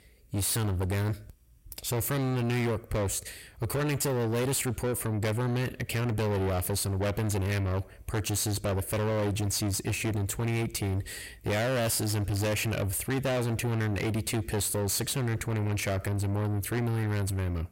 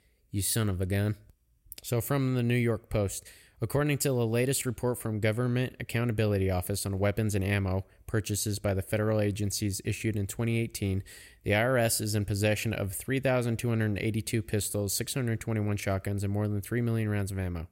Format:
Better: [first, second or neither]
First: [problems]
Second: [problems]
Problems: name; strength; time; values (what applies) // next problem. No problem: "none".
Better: second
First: distortion; heavy; 7 dB below the speech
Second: none